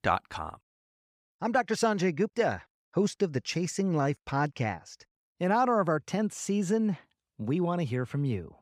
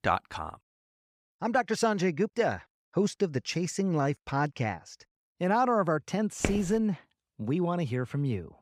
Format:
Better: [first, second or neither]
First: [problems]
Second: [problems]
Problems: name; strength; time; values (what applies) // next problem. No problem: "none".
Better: first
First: none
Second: footsteps; noticeable; at 6.5 s; peak 4 dB below the speech